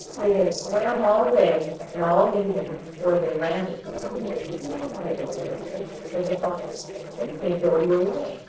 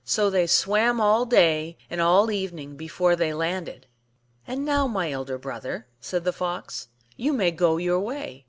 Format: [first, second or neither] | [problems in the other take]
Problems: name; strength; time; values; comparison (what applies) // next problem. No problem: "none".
second | noise reduction (neural separator model SepFormer DNS4)